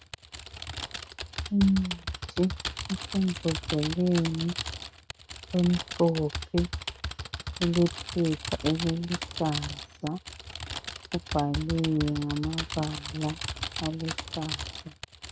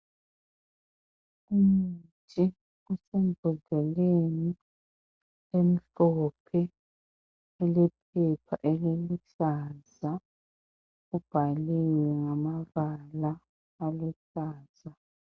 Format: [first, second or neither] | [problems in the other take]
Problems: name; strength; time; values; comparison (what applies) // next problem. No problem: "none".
second | background sound (Typing); 7 dB below the speech